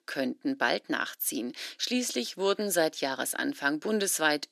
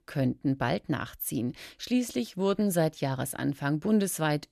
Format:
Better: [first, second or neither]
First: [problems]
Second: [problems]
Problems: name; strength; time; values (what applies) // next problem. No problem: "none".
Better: second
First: thin; somewhat; fading below 250 Hz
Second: none